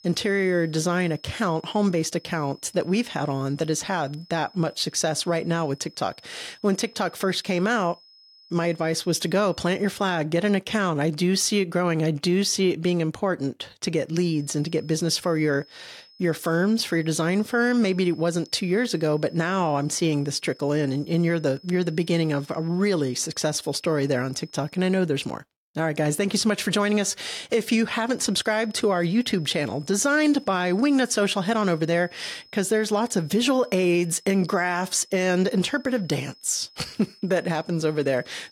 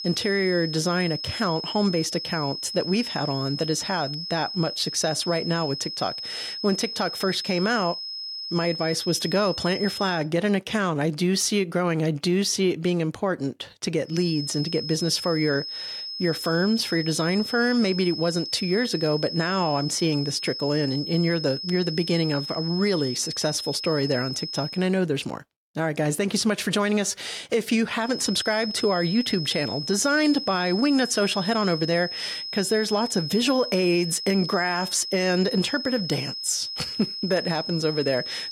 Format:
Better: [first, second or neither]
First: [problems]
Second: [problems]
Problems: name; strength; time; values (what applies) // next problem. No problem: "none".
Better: first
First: high-pitched whine; faint; until 10 s, from 14 to 25 s and from 28 s on; 5 kHz, 25 dB below the speech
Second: high-pitched whine; loud; until 10 s, from 14 to 25 s and from 28 s on; 5 kHz, 6 dB below the speech